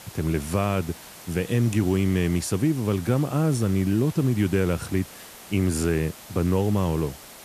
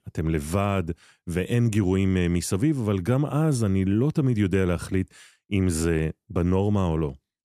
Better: second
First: hiss; noticeable; throughout; 15 dB below the speech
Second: none

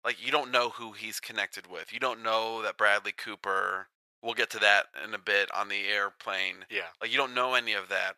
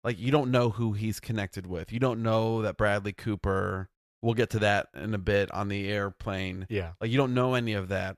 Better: second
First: thin; very; fading below 800 Hz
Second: none

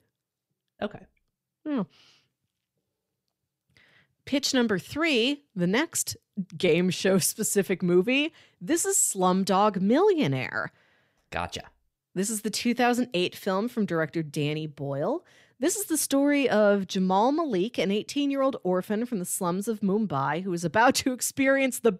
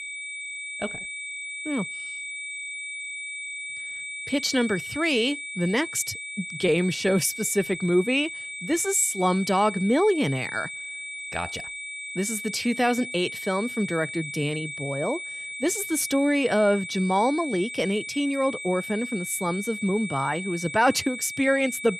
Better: first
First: none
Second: high-pitched whine; loud; throughout; 2.5 kHz, 8 dB below the speech

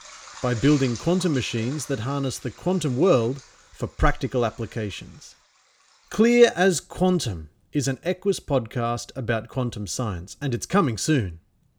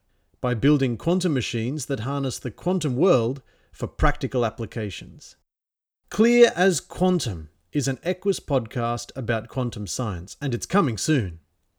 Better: second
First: rain or running water; noticeable; throughout; 20 dB below the speech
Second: none

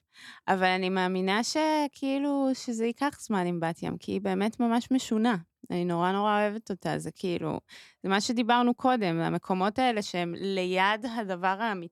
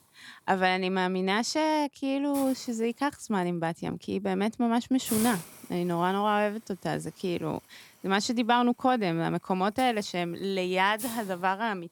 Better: first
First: none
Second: hiss; noticeable; throughout; 10 dB below the speech

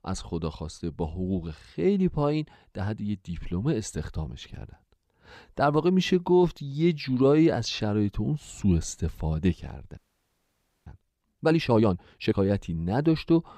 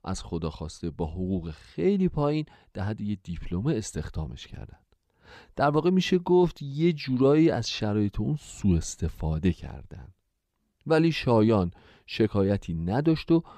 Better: second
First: audio freezing; at 10 s for 1 s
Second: none

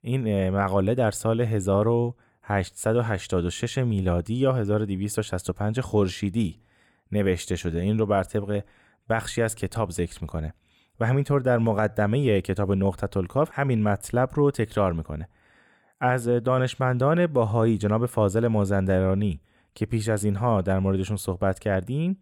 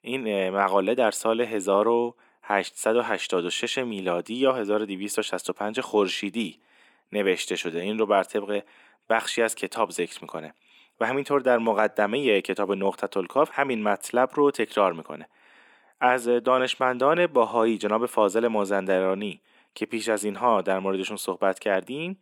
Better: first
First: none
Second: thin; somewhat; fading below 250 Hz

